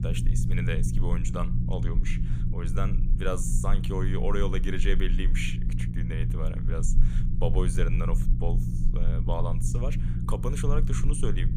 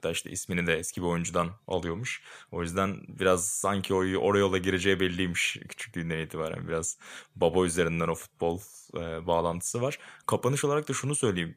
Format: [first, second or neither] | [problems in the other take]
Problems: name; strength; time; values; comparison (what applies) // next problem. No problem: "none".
second | low rumble; loud; throughout; 6 dB below the speech